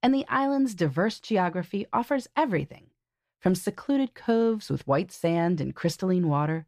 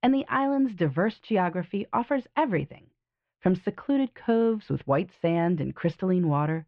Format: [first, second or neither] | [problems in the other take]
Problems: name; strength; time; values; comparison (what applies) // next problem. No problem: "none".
first | muffled; very; fading above 3 kHz